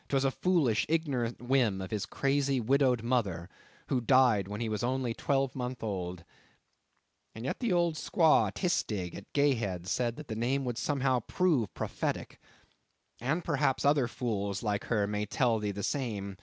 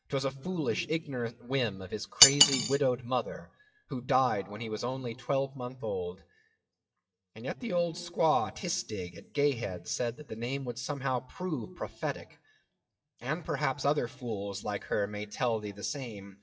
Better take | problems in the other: first | noise reduction (classical method WPE with log-MMSE)

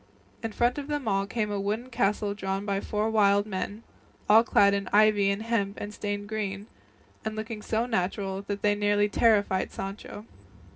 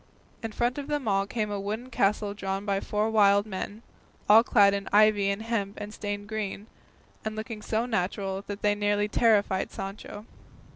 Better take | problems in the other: second | room echo; dies away in 0.3 s

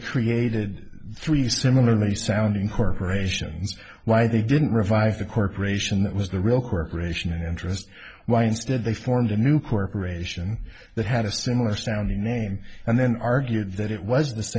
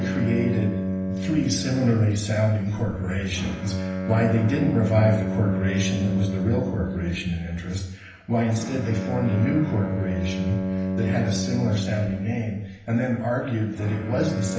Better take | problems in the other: first | background sound (Bowed string instrument); 4 dB below the speech // room echo; dies away in 0.9 s

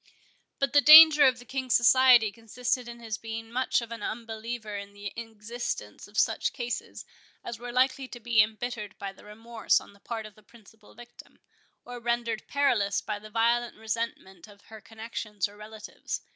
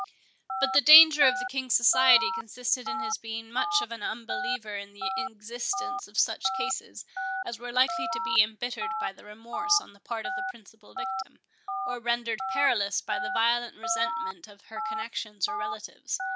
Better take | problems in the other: first | background sound (Telephone); 5 dB below the speech

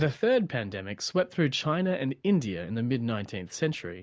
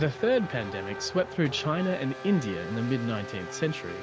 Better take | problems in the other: first | background sound (Race car, auto racing / Accelerating, revving, vroom); 10 dB below the speech

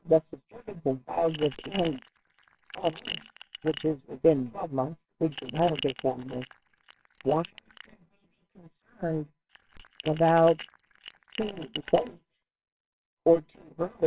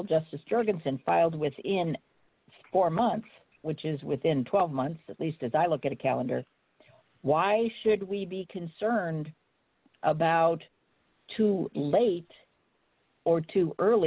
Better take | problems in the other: second | noise reduction (neural separator model SepFormer WHAMR!)

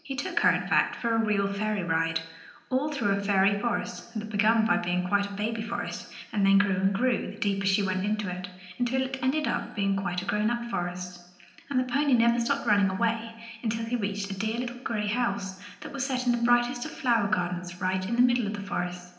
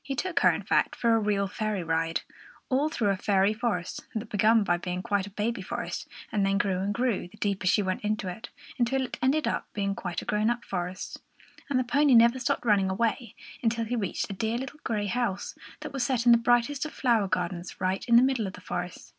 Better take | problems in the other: second | room echo; dies away in 0.9 s

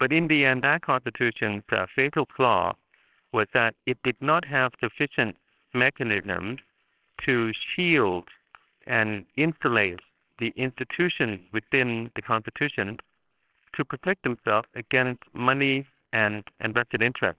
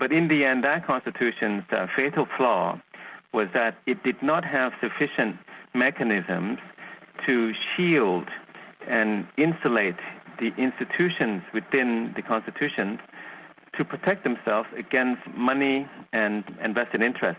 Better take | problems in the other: second | noise reduction (neural separator model SepFormer WHAMR!)

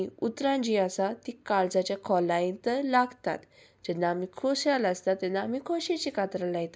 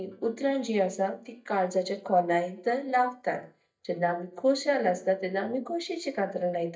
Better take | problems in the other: first | noise reduction (neural mask model DeepFilterNet 3)

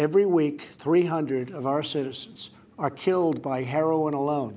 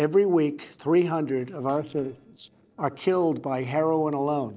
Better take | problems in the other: first | noise reduction (neural separator model SepFormer DNS4)

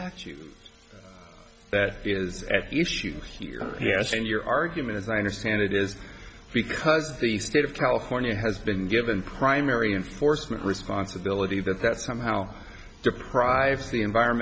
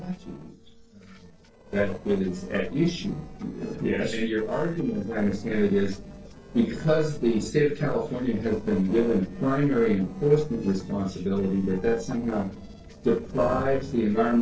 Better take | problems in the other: first | noise reduction (neural separator model SepFormer DNS4)

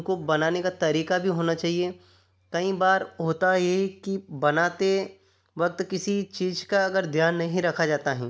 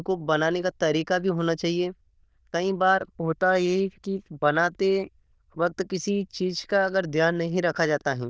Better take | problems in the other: first | noise reduction (neural diffusion model UNIVERSE++)

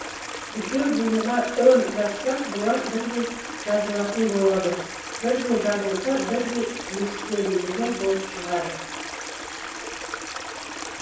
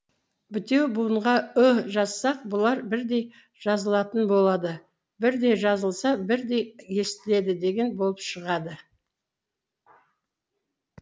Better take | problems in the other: second | background sound (Stream); 8 dB below the speech // room echo; dies away in 0.7 s

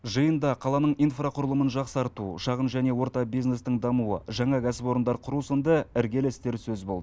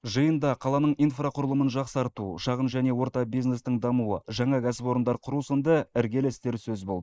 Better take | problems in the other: first | noise reduction (neural mask model Resemble Enhance denoiser)

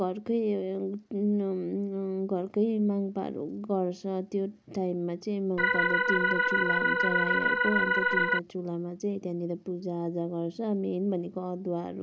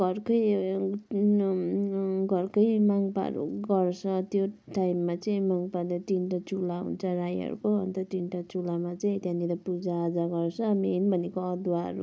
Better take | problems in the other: second | background sound (Organ); 5 dB above the speech

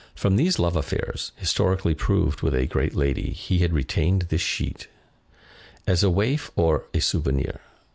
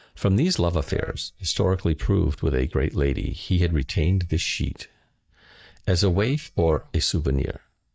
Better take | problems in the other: first | noise reduction (neural mask model DeepFilterNet 3)

